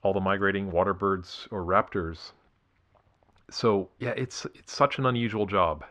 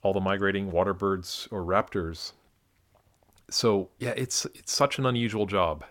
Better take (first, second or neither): second